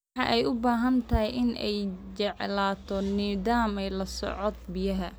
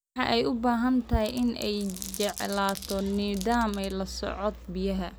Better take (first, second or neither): first